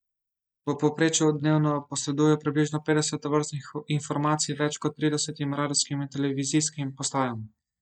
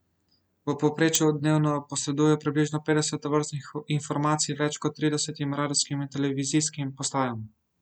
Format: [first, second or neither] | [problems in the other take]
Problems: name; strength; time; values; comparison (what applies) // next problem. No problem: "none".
second | noise reduction (neural mask model DeepFilterNet 3)